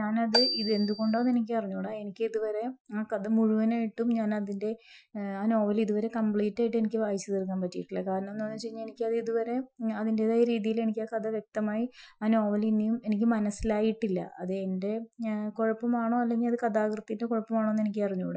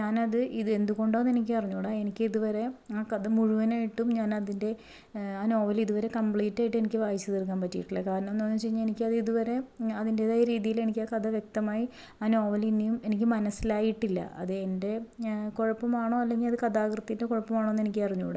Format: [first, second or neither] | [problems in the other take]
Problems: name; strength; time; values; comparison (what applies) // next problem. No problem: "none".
second | noise reduction (classical method Wiener filter)